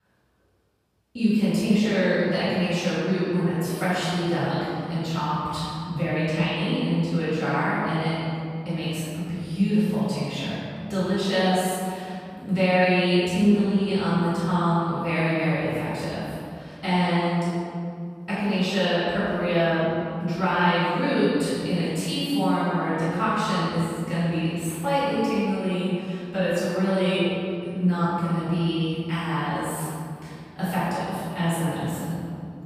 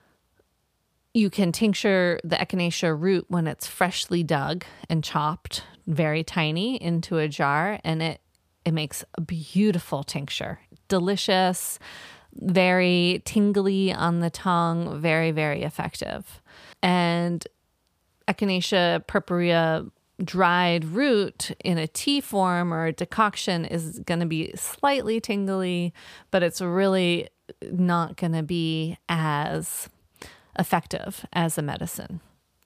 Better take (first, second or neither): second